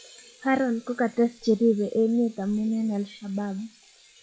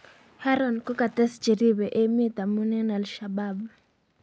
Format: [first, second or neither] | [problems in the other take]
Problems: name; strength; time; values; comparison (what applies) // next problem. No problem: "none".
second | noise reduction (classical method log-MMSE)